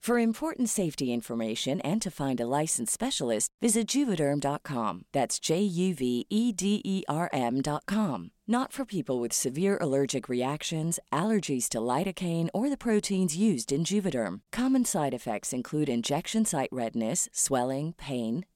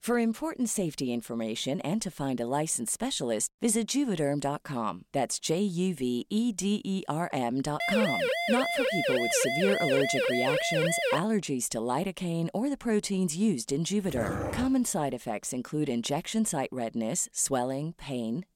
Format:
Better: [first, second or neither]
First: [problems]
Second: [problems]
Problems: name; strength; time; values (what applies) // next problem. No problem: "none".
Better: first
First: none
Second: siren; loud; from 8 to 11 s; peak 3 dB above the speech // dog barking; noticeable; at 14 s; peak 3 dB below the speech